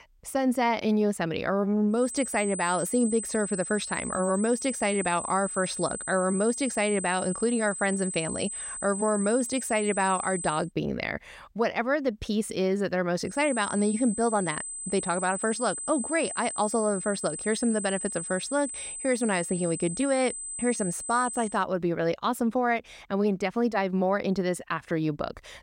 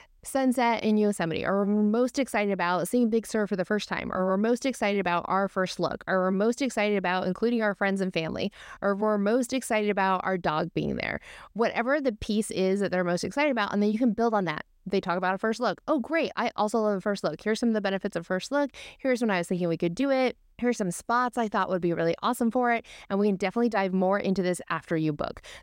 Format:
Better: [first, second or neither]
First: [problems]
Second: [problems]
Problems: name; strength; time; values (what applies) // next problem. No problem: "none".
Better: second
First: high-pitched whine; loud; from 2 to 11 s and from 13 to 22 s; 8 kHz, 6 dB below the speech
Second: none